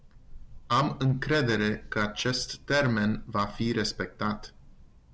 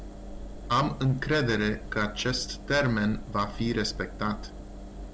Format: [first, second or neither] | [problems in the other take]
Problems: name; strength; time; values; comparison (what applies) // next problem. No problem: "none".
first | background sound (Engine); 12 dB below the speech